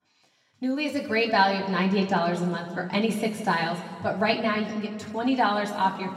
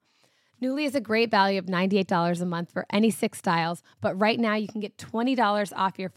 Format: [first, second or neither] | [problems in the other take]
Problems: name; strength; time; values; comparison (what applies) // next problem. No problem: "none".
second | room echo; slight; dies away in 2 s // off-mic speech; somewhat distant